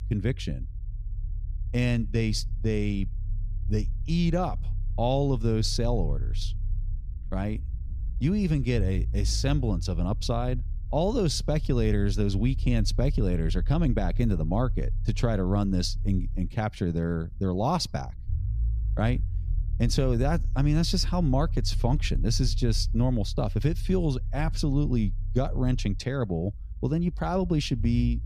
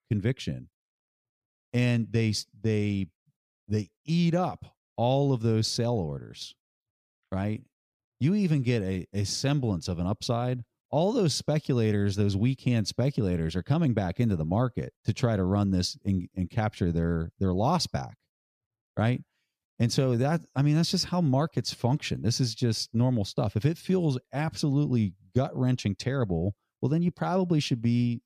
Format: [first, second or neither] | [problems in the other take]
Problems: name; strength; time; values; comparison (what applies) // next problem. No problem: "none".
second | low rumble; faint; throughout; 20 dB below the speech